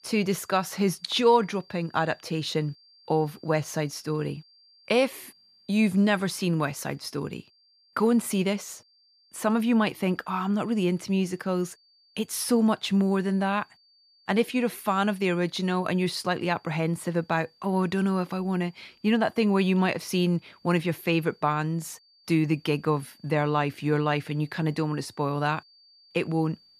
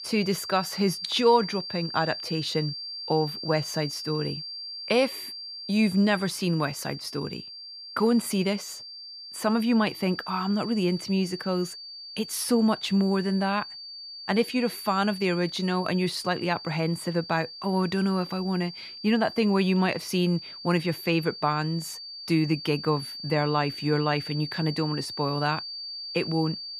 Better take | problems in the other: first | high-pitched whine; loud; throughout; 4.5 kHz, 10 dB below the speech; faint in the first

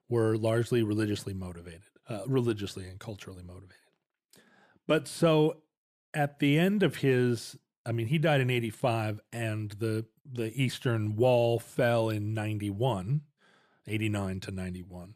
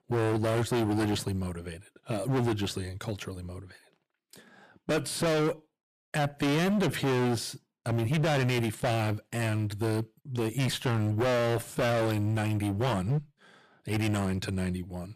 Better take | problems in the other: first | distortion; heavy; 25% of the sound clipped

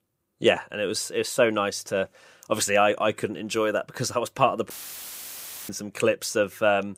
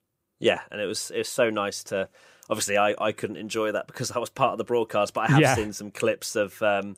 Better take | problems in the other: second | audio cutting out; filled with static; at 4.5 s for 1 s

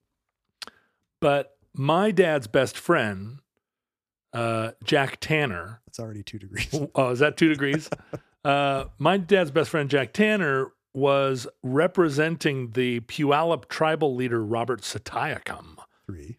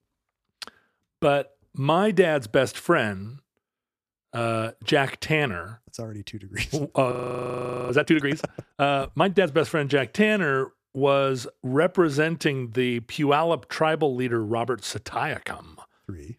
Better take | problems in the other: first | audio freezing; at 7 s for 1 s

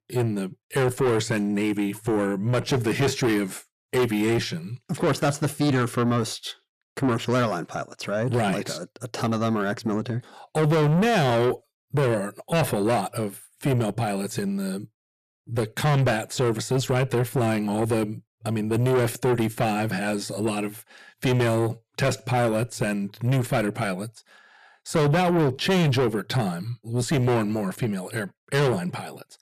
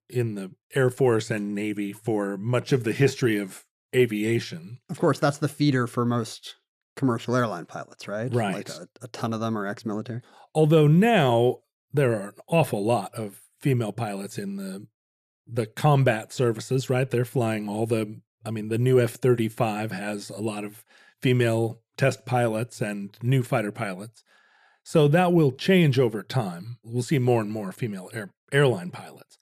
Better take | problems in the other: second | distortion; heavy; 7 dB below the speech

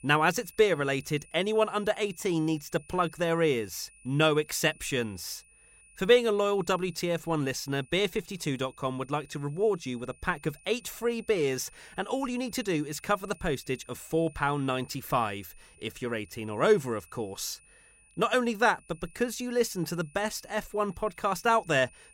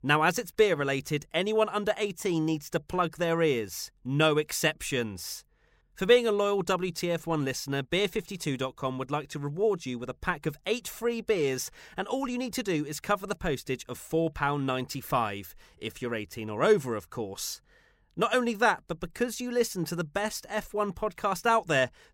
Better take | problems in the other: second | high-pitched whine; faint; throughout; 2.5 kHz, 25 dB below the speech

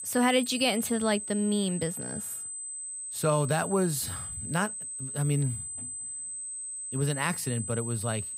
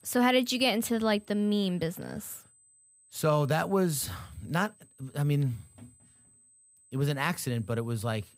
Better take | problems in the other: second | high-pitched whine; loud; throughout; 8 kHz, 6 dB below the speech; faint in the second

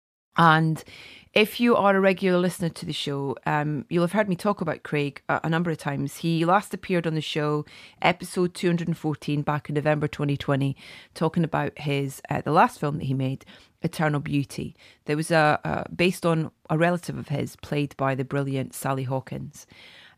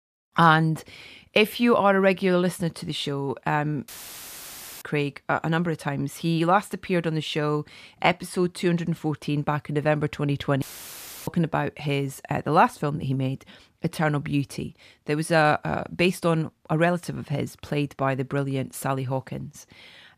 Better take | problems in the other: first | audio cutting out; filled with static; at 4 s for 1 s and at 11 s for 0.5 s

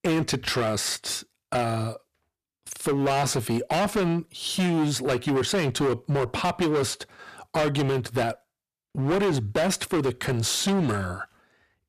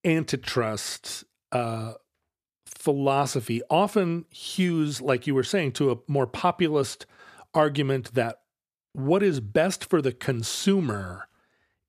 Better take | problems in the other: second | distortion; heavy; 16% of the sound clipped

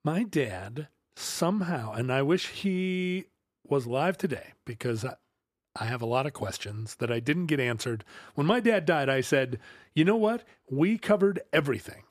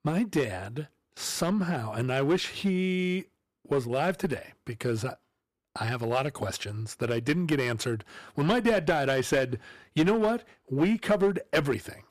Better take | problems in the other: first | distortion; slight; 4% of the sound clipped

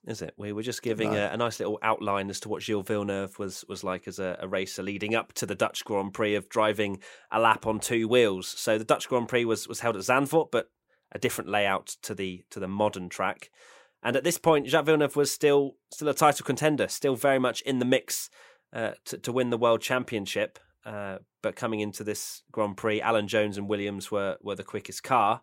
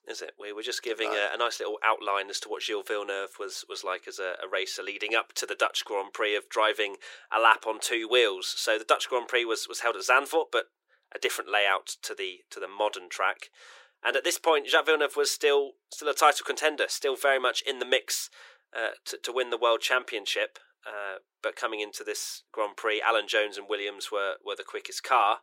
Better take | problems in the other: first | thin; very; fading below 350 Hz

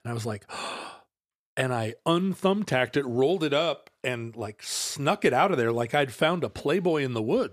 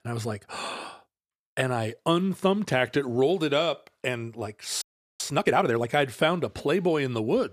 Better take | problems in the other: first | audio freezing; at 5 s

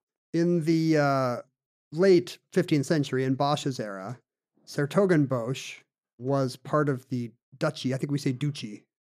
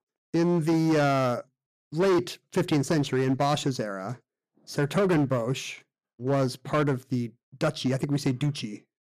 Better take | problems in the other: first | distortion; slight; 10% of the sound clipped

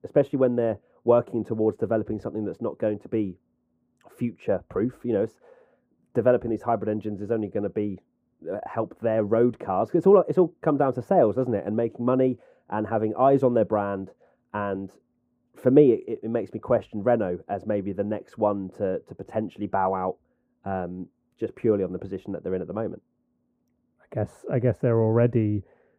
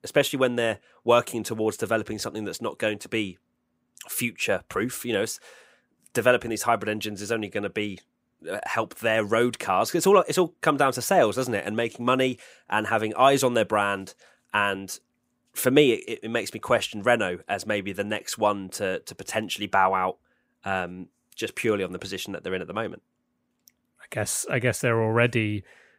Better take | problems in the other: second | muffled; very; fading above 1.5 kHz

